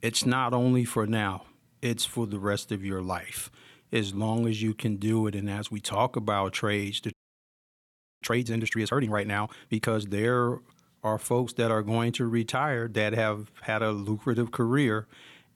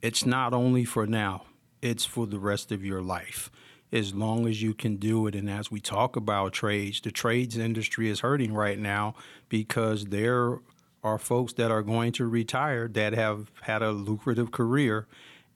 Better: second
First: audio freezing; at 7 s for 1 s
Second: none

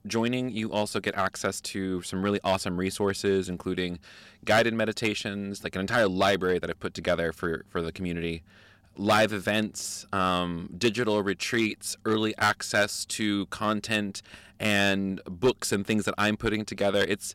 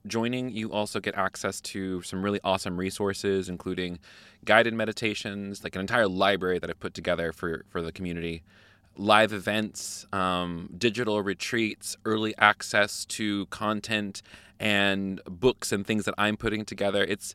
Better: second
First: distortion; slight; 1.9% of the sound clipped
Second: none

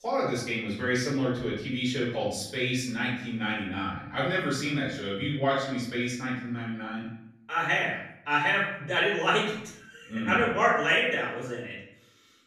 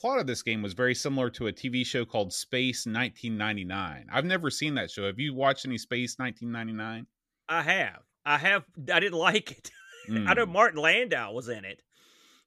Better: second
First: off-mic speech; far // room echo; noticeable; dies away in 0.7 s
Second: none

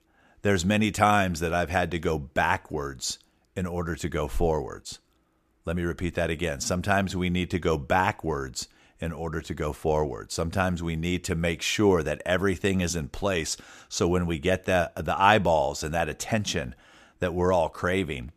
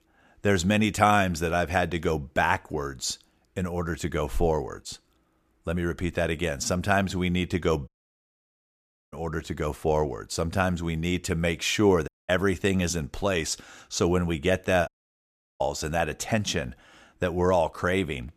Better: first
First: none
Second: audio cutting out; at 8 s for 1 s, at 12 s and at 15 s for 0.5 s

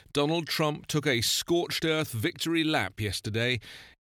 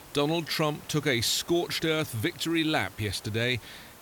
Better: first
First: none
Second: hiss; faint; throughout; 20 dB below the speech

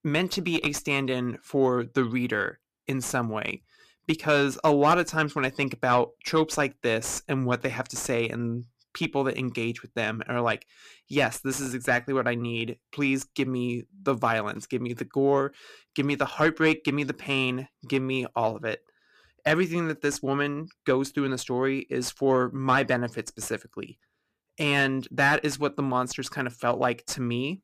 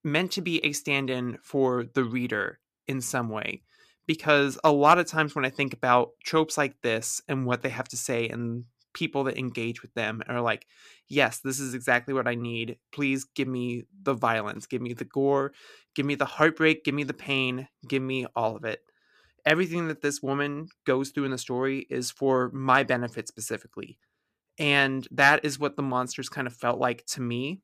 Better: second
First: distortion; slight; 10 dB below the speech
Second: none

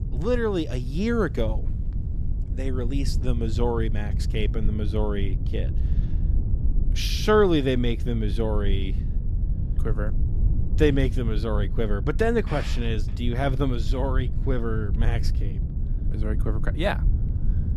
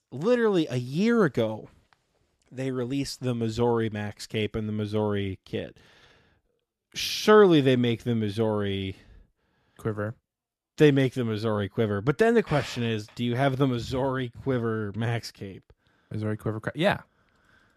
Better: second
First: low rumble; noticeable; throughout; 15 dB below the speech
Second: none

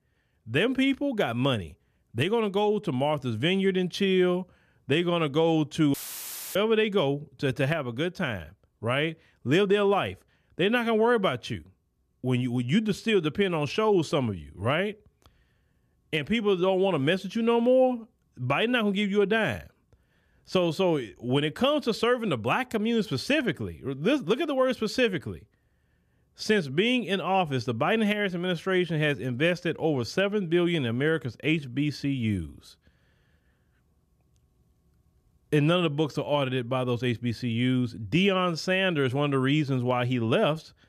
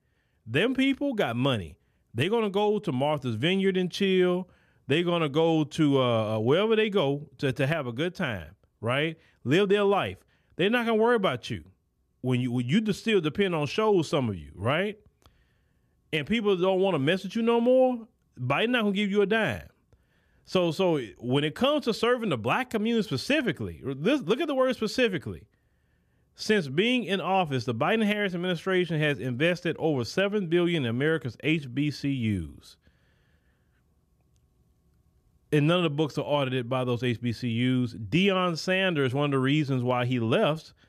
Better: second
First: audio cutting out; filled with static; at 6 s for 0.5 s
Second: none

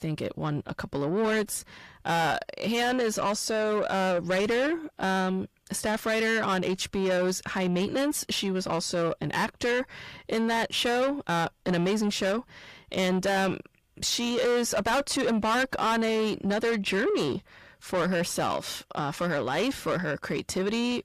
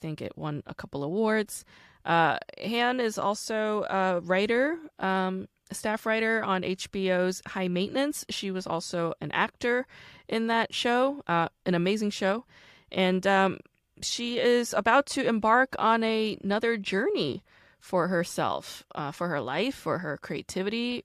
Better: second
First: distortion; heavy; 6 dB below the speech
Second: none

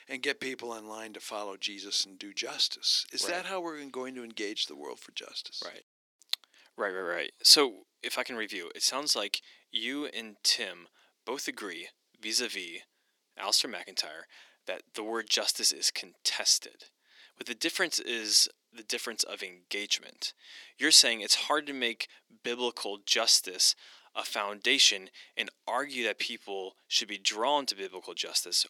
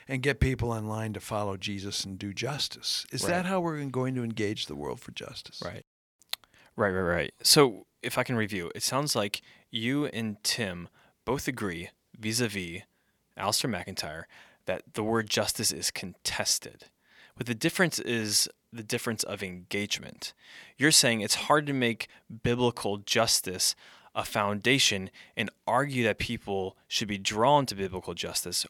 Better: second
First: thin; somewhat; fading below 300 Hz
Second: none

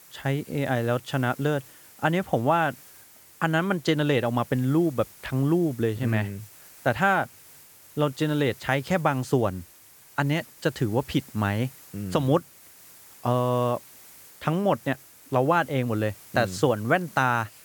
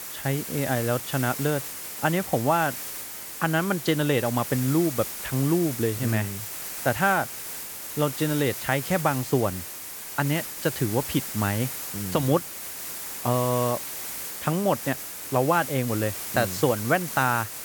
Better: first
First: hiss; faint; throughout; 20 dB below the speech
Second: hiss; loud; throughout; 6 dB below the speech

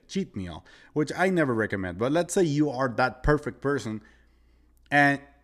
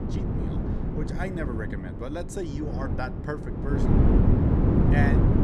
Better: first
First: none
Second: wind noise on the microphone; heavy; 2 dB above the speech

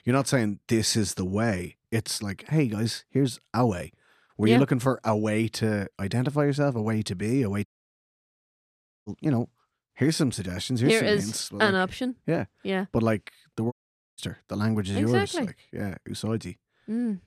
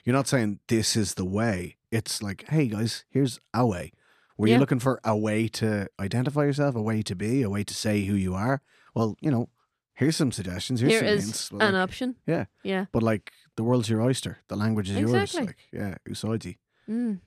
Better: second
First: audio cutting out; at 7.5 s for 1.5 s and at 14 s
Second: none

